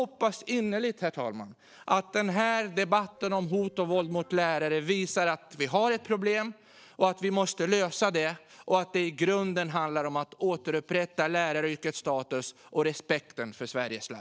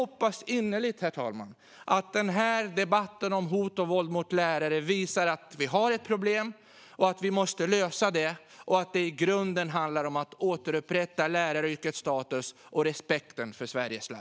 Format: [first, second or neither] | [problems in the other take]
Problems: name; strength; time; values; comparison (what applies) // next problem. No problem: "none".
second | noise reduction (neural separator model SepFormer DNS4)